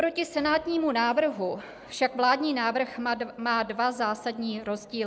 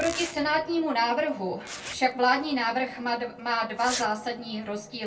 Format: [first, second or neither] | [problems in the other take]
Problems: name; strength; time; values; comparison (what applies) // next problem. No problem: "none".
first | background sound (Zipper (clothing)); 14 dB below the speech // room echo; dies away in 0.2 s